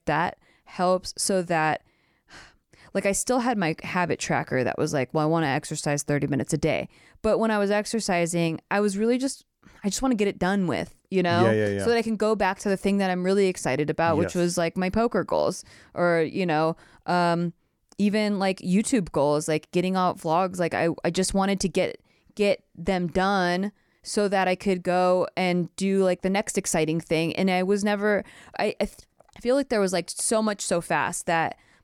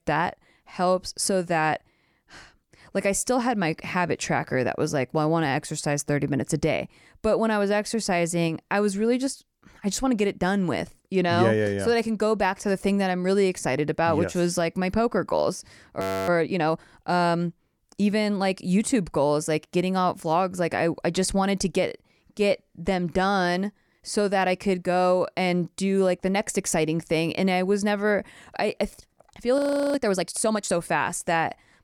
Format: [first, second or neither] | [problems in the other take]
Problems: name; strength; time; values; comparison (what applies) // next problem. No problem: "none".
first | audio freezing; at 16 s and at 30 s